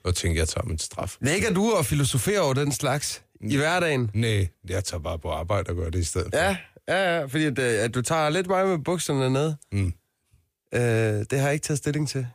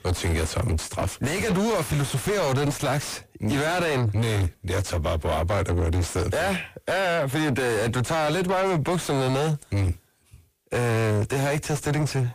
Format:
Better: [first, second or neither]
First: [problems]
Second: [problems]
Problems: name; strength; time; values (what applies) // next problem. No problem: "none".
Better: first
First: none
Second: distortion; heavy; 6 dB below the speech